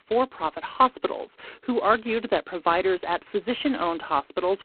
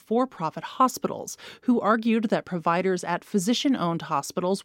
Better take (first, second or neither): second